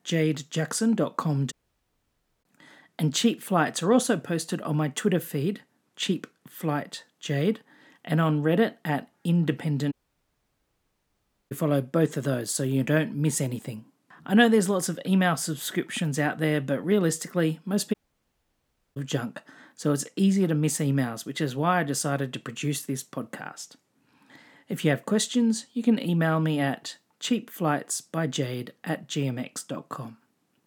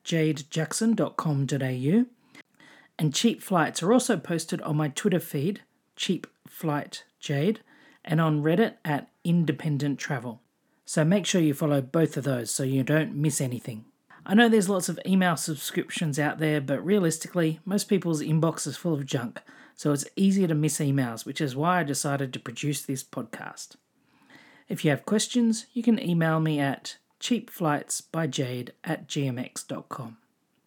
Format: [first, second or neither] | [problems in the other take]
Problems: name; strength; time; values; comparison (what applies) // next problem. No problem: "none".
second | audio cutting out; at 1.5 s for 1 s, at 10 s for 1.5 s and at 18 s for 1 s